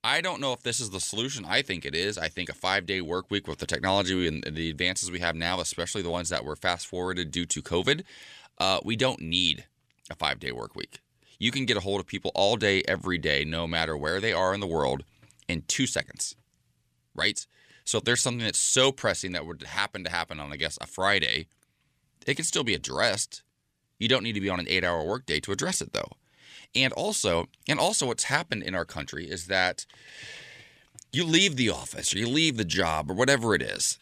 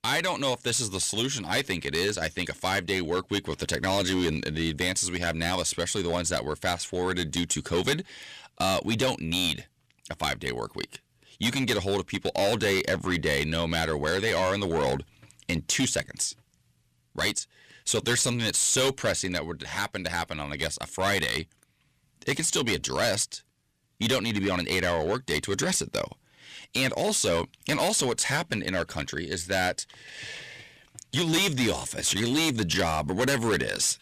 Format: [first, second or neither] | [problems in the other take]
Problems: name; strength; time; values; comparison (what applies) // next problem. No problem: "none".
first | distortion; heavy; 8% of the sound clipped